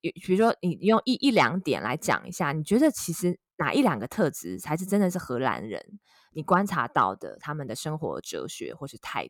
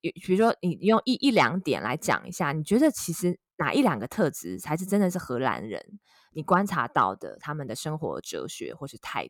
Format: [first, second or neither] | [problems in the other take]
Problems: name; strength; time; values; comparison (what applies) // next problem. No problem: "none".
neither | none